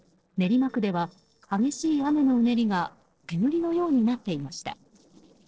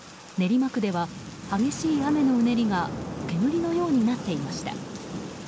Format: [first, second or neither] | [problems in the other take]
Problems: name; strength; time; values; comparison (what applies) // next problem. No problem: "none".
second | noise reduction (neural separator model SepFormer DNS4)